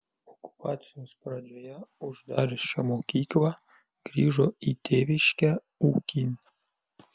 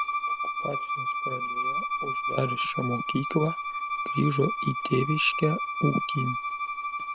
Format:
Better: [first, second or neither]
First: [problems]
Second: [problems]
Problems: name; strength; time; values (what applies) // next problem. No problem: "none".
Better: first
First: none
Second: background sound (Bowed string instrument); 1 dB below the speech